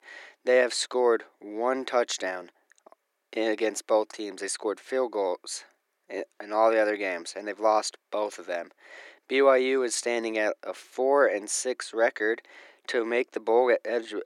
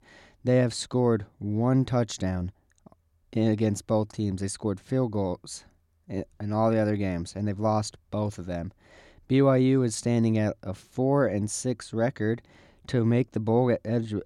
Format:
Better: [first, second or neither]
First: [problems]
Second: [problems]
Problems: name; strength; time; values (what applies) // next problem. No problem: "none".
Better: second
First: thin; very; fading below 350 Hz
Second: none